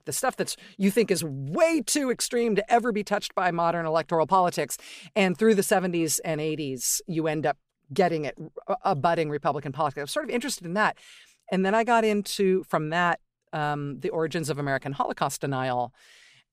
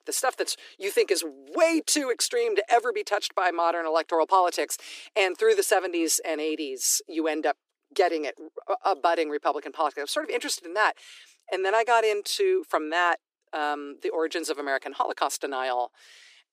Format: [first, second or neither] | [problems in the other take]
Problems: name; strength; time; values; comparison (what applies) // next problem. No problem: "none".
first | thin; very; fading below 300 Hz